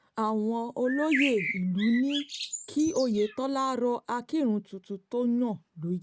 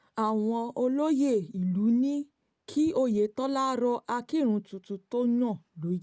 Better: second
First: background sound (Bird); 7 dB below the speech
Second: none

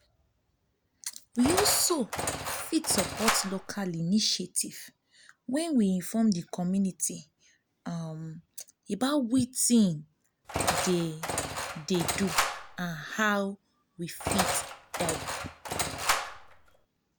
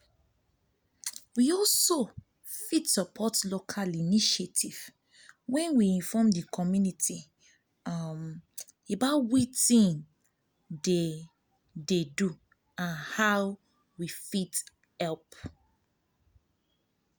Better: second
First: background sound (Engine); 2 dB below the speech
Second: none

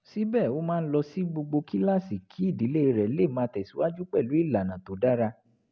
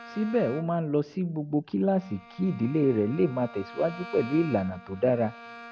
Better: first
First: none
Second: background sound (Bowed string instrument); 18 dB below the speech

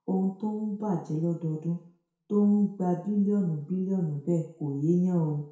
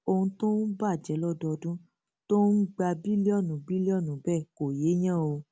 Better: second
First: room echo; dies away in 0.6 s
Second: none

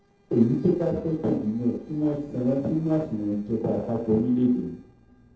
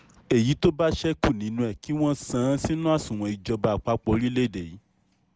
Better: second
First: noise reduction (neural separator model SepFormer DNS4)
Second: none

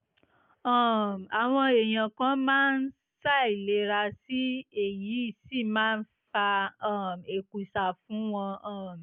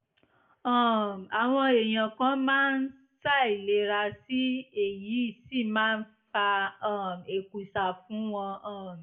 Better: first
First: none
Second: room echo; dies away in 0.3 s

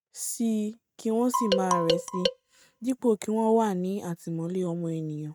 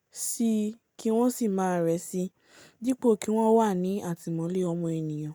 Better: second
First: noise reduction (neural mask model RNNoise)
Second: none

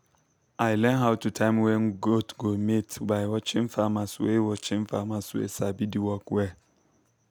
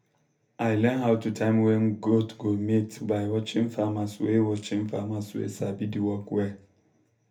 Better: first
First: none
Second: room echo; dies away in 0.3 s

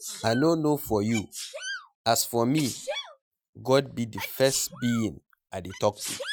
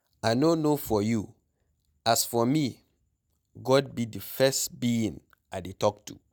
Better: second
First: noise reduction (classical method Wiener filter)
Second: none

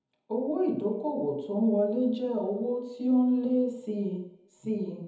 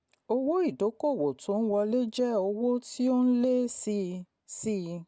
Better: second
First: room echo; dies away in 1 s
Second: none

